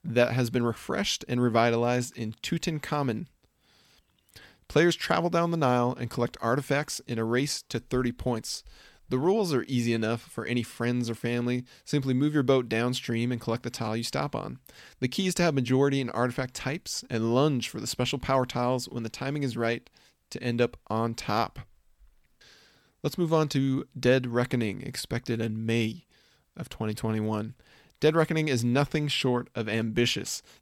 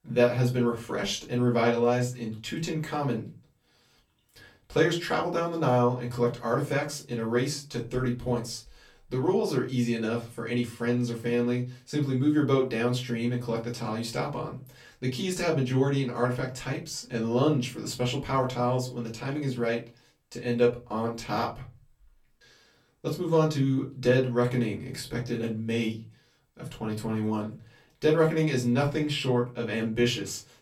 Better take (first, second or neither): first